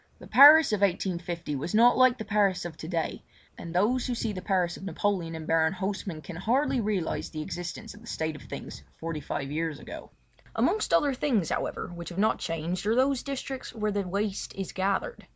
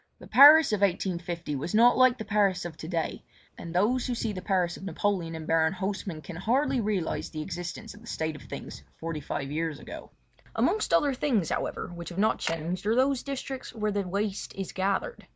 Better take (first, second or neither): first